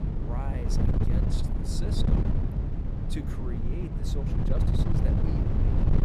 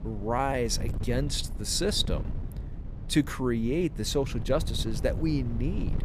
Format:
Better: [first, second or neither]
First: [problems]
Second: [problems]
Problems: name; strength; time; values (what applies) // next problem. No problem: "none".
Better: second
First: wind noise on the microphone; heavy; 5 dB above the speech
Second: wind noise on the microphone; occasional gusts; 15 dB below the speech